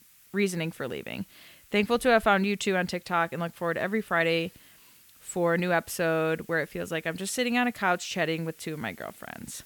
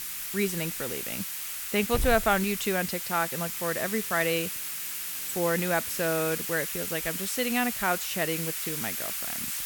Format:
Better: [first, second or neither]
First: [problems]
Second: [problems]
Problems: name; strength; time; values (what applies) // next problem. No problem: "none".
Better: first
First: hiss; faint; throughout; 25 dB below the speech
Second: hiss; loud; throughout; 2 dB below the speech